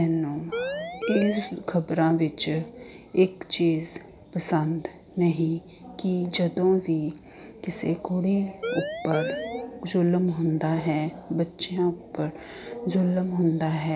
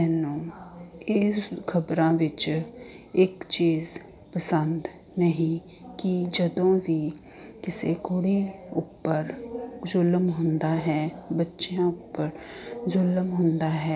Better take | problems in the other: second | background sound (Siren); 5 dB below the speech

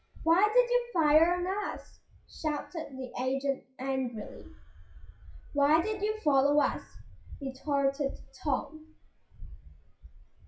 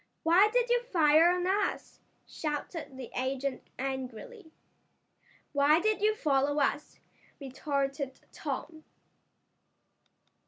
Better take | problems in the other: second | noise reduction (classical method WPE with log-MMSE)

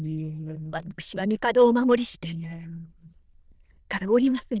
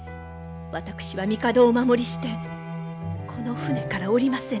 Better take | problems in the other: second | noise reduction (neural diffusion model UNIVERSE++)

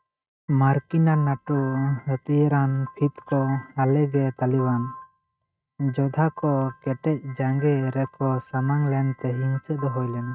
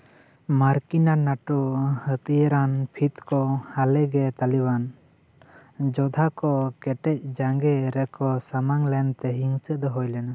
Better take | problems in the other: second | noise reduction (neural mask model RNNoise)

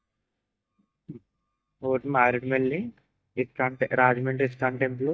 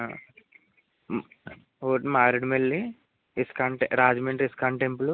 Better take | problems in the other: second | noise reduction (neural mask model DeepFilterNet 3)

